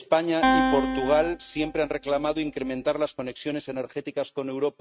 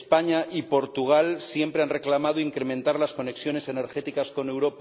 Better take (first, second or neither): second